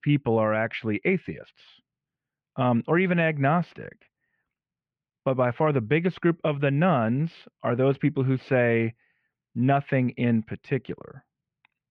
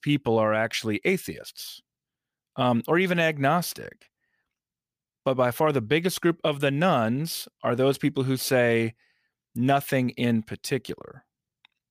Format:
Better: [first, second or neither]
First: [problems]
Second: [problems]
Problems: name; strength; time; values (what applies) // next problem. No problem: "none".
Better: second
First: muffled; very; fading above 2.5 kHz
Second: none